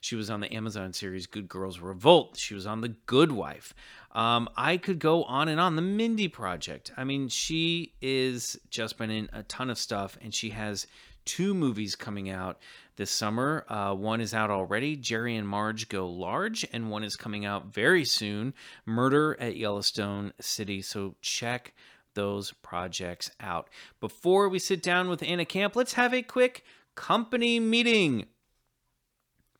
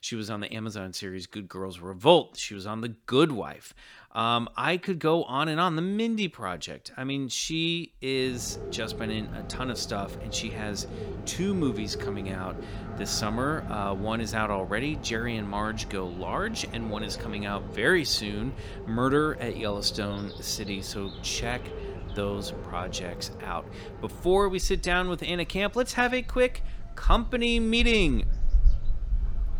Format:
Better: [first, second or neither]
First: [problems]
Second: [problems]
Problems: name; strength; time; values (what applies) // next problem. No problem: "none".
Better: first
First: none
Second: animal sounds; loud; from 8 s on; 9 dB below the speech